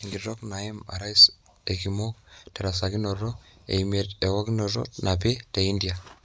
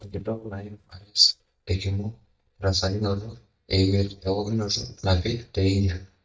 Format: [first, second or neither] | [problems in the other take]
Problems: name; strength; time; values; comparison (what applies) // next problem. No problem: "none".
first | noise reduction (neural mask model DeepFilterNet 3)